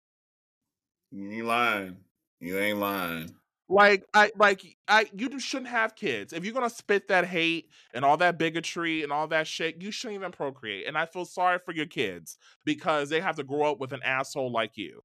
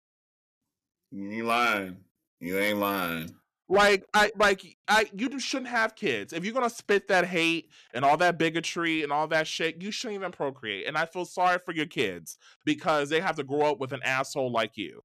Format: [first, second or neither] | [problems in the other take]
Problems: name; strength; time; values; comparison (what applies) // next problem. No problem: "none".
first | distortion; slight; 3% of the sound clipped